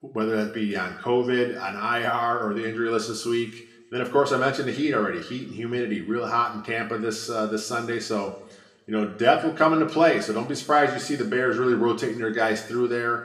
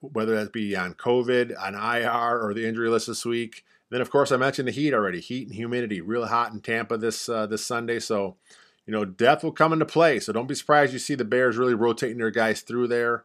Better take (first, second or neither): second